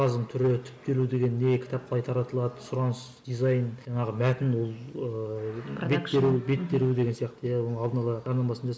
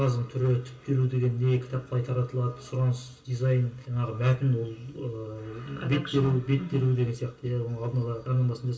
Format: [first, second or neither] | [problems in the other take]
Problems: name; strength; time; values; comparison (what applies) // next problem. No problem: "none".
first | room echo; dies away in 0.2 s